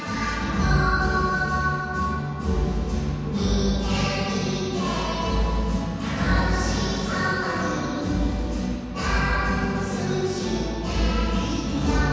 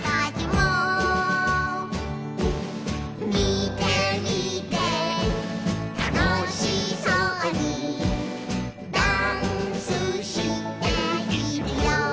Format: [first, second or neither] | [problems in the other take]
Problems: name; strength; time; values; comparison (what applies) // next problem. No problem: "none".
second | room echo; dies away in 2.1 s